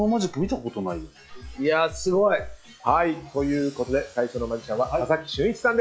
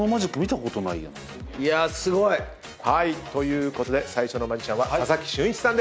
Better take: second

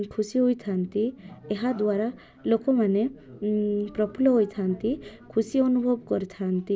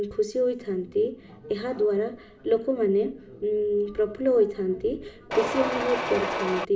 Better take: first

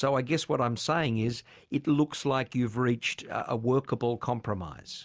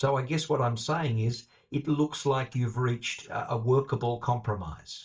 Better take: first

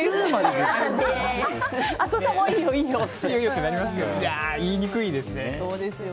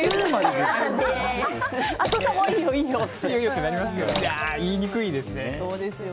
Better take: first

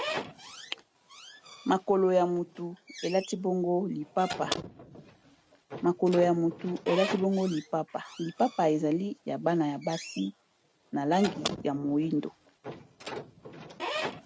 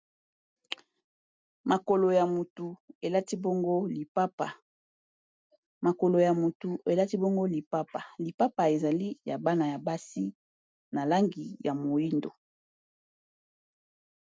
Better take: second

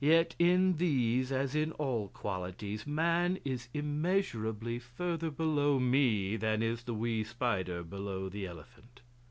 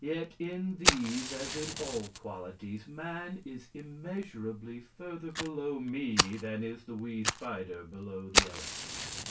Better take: first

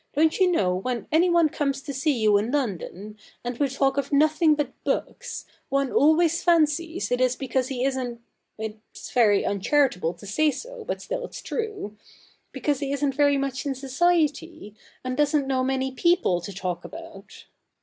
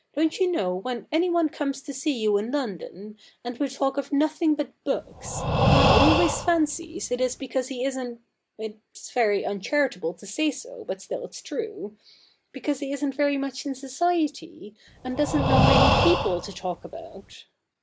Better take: first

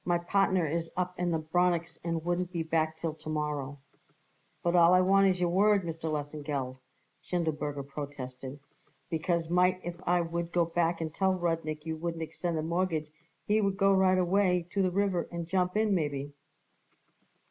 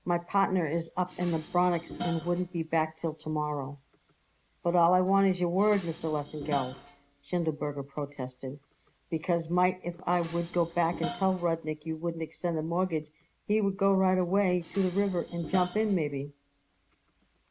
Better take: first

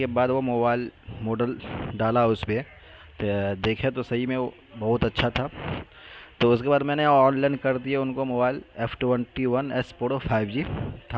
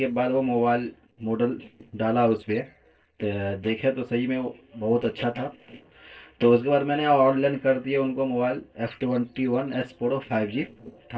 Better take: first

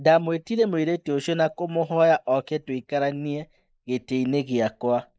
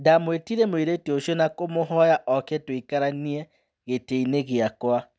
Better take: second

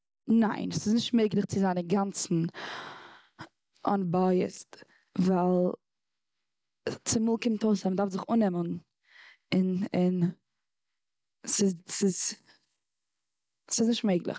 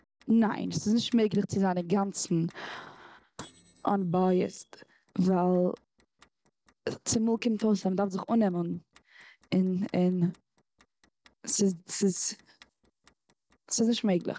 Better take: first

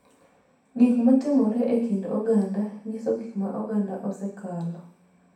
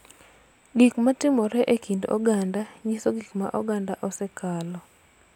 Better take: second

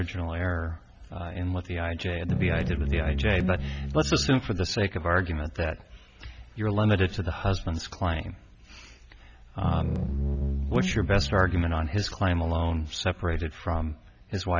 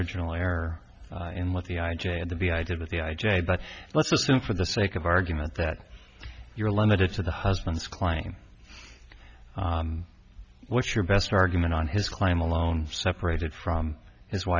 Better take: second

